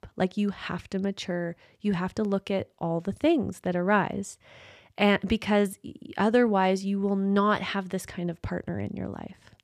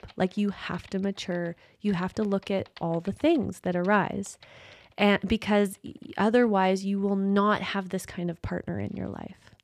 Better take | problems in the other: first | household noises; faint; throughout; 30 dB below the speech

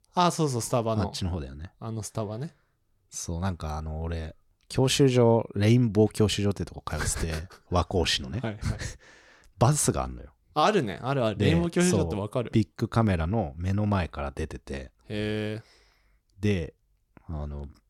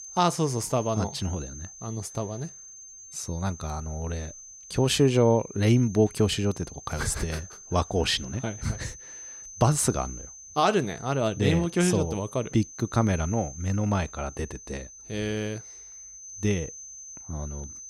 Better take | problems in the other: first | high-pitched whine; noticeable; throughout; 6.5 kHz, 15 dB below the speech

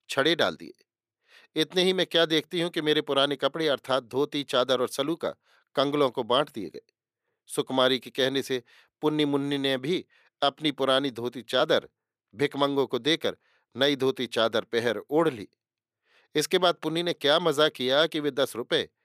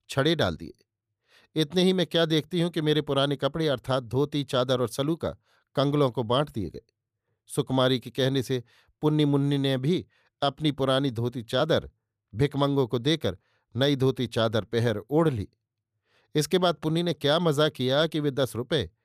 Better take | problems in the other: second | thin; very slightly; fading below 300 Hz

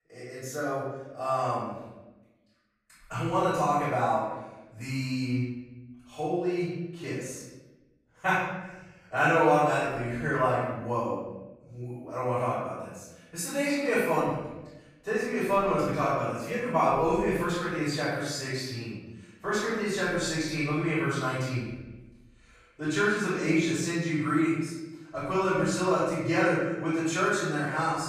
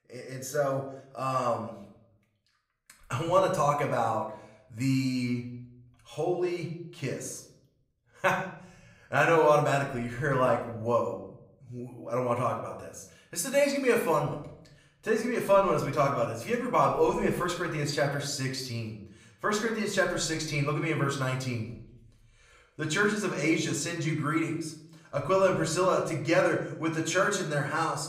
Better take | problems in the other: second | room echo; strong; dies away in 1 s; slight in the second // off-mic speech; far; somewhat distant in the second

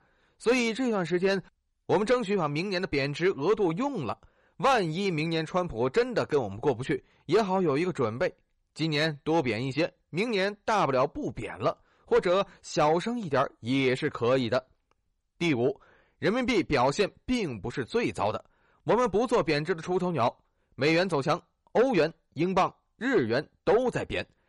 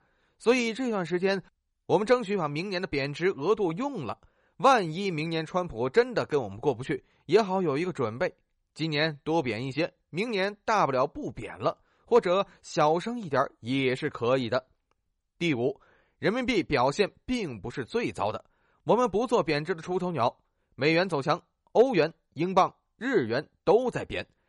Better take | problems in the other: second | distortion; slight; 10 dB below the speech

